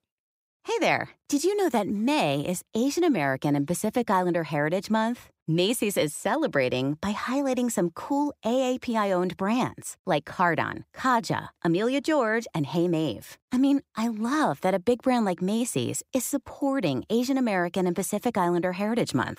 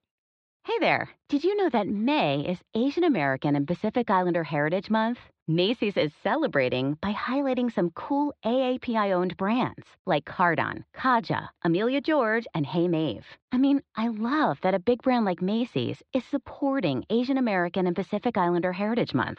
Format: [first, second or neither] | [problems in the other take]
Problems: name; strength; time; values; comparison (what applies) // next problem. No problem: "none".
first | muffled; slightly; fading above 4 kHz